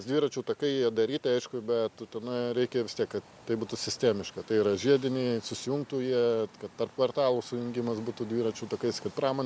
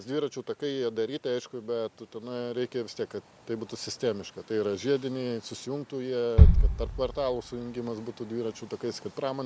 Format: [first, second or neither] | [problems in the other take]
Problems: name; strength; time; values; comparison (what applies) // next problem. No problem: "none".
first | background sound (Bass drum); 3 dB above the speech